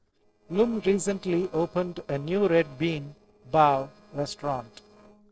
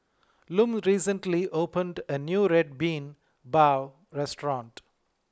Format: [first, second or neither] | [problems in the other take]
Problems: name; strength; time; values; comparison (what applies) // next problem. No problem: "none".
second | noise reduction (neural separator model SepFormer DNS4)